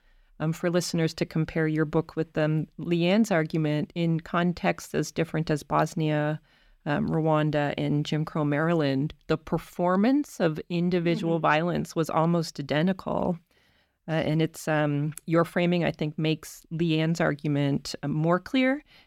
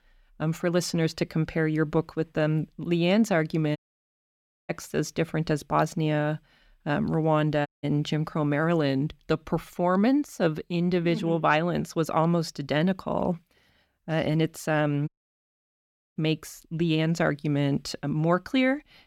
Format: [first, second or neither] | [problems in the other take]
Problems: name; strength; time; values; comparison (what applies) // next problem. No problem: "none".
first | audio cutting out; at 4 s for 1 s, at 7.5 s and at 15 s for 1 s